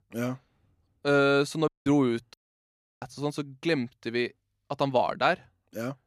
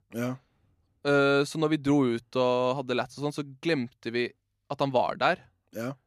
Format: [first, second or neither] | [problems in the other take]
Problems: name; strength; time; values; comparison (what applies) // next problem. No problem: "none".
second | audio cutting out; at 1.5 s and at 2.5 s for 0.5 s